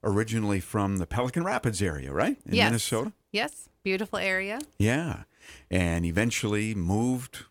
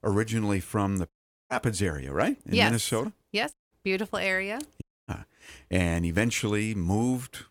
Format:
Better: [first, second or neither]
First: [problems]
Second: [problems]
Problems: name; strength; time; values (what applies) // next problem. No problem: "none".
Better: first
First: none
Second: audio cutting out; at 1 s, at 3.5 s and at 5 s